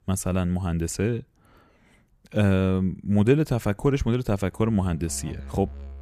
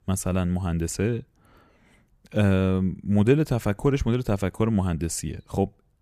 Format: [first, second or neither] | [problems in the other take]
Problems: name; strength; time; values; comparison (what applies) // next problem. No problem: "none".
second | background music; noticeable; from 4.5 s on; 15 dB below the speech